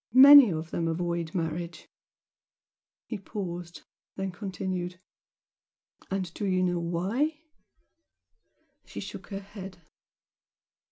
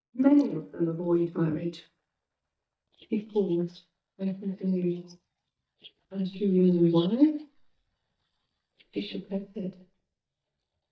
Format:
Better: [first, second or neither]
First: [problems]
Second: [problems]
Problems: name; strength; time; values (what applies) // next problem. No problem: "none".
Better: first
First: none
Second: noise reduction (neural mask model DeepFilterNet 3)